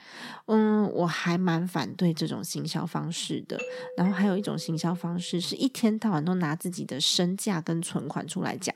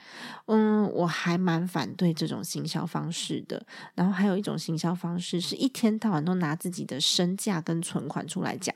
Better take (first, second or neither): second